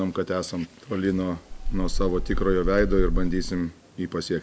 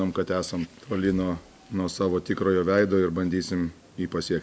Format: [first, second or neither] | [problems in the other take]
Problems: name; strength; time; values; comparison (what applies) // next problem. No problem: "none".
second | background sound (Meow); 1 dB above the speech